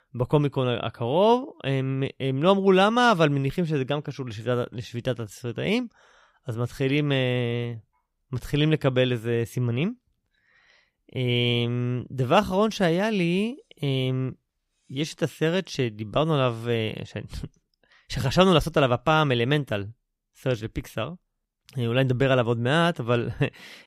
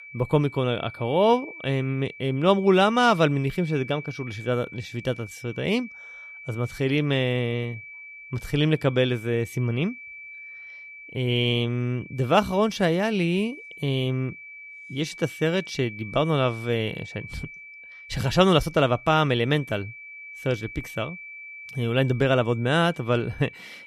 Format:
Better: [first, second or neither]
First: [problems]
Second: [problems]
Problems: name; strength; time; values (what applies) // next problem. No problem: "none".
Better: first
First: none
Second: high-pitched whine; noticeable; throughout; 2.5 kHz, 15 dB below the speech